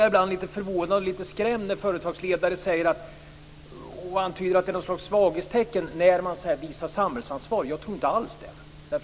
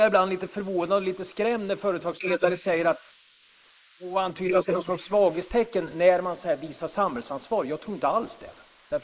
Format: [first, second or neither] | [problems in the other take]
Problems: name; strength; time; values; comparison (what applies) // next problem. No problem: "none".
first | noise reduction (neural mask model Resemble Enhance denoiser)